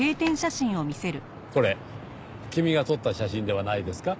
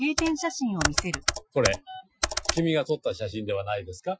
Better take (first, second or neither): first